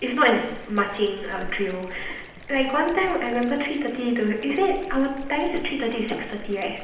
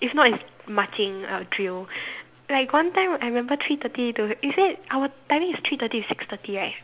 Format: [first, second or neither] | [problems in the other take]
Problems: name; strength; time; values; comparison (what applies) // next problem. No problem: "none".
second | background sound (Stream); 12 dB below the speech // room echo; dies away in 0.8 s